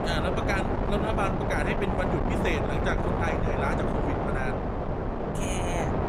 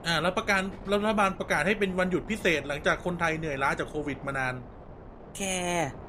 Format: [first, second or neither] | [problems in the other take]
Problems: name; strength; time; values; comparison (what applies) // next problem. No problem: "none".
second | wind noise on the microphone; heavy; 2 dB above the speech; occasional gusts in the second